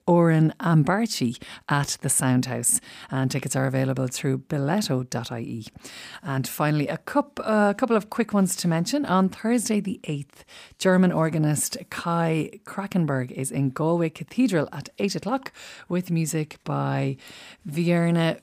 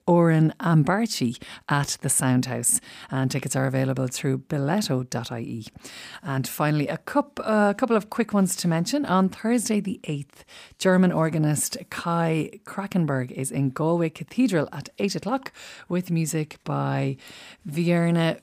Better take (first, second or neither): neither